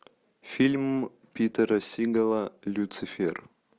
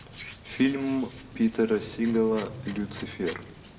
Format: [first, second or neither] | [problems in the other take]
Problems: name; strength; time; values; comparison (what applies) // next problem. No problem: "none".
first | background sound (Hands); 15 dB below the speech // room echo; dies away in 1.1 s